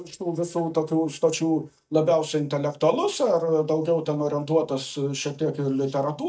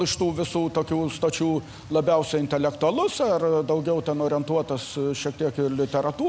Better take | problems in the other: second | noise reduction (neural mask model DeepFilterNet 3)

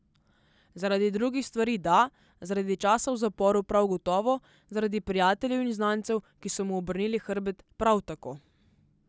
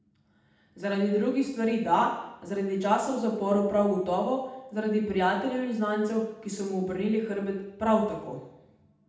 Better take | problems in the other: first | room echo; dies away in 0.8 s

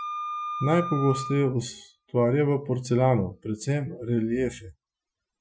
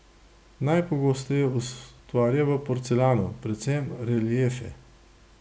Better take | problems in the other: second | noise reduction (classical method Wiener filter)

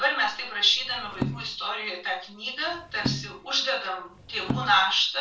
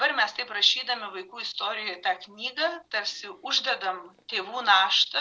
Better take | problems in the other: second | background sound (Percussion); 8 dB below the speech // room echo; dies away in 0.3 s

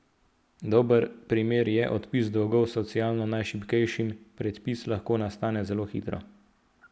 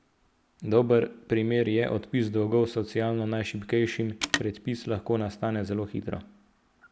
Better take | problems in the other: first | background sound (Telephone); 11 dB below the speech

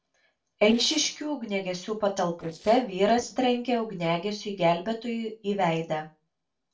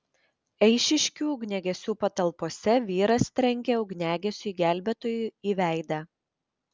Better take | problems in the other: second | noise reduction (neural separator model SepFormer DNS4)

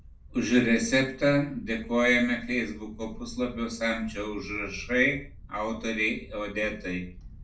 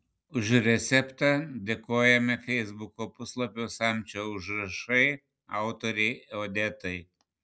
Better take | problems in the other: second | background sound (Wind); 17 dB below the speech // room echo; dies away in 0.3 s

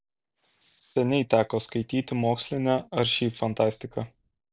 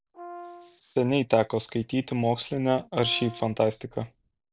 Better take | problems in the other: first | background sound (Brass instrument); 17 dB below the speech

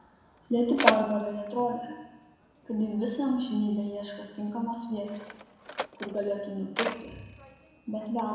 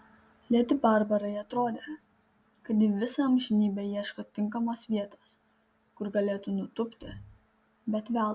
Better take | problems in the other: second | background sound (Mechanisms); 6 dB below the speech // room echo; dies away in 1 s

